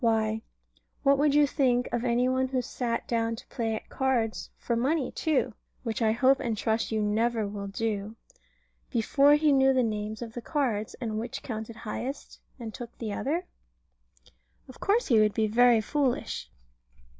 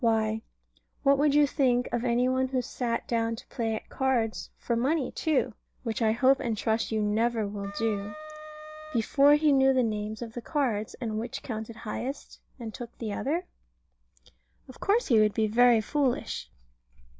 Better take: first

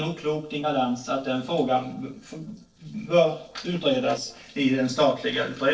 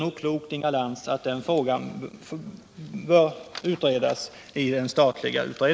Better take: second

